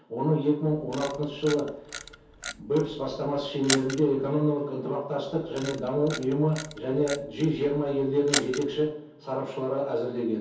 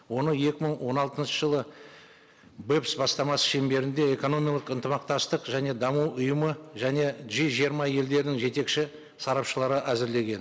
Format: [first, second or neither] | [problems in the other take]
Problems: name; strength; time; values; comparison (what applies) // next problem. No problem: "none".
second | background sound (Camera); 10 dB below the speech // room echo; dies away in 0.6 s